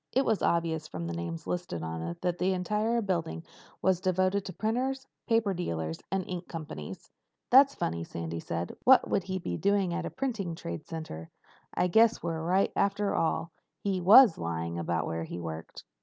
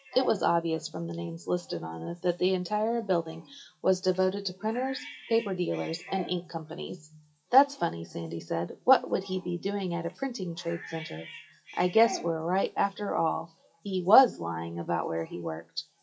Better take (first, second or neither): first